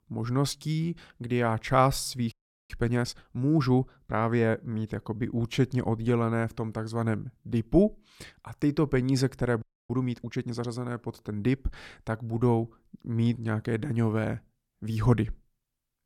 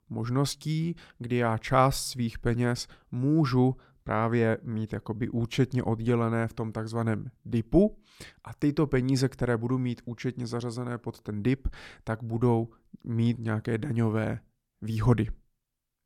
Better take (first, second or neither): second